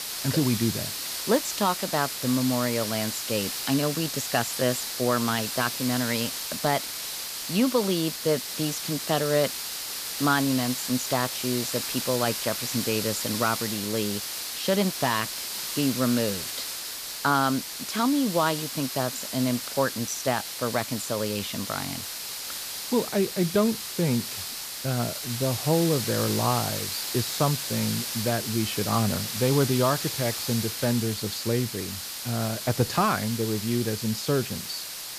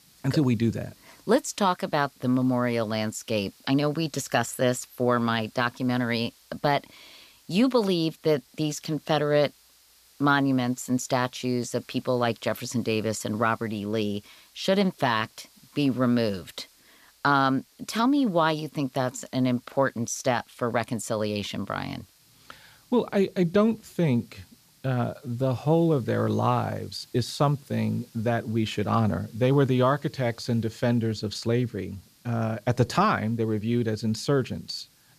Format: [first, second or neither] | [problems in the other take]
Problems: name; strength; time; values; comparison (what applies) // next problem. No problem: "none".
second | hiss; loud; throughout; 3 dB below the speech; faint in the second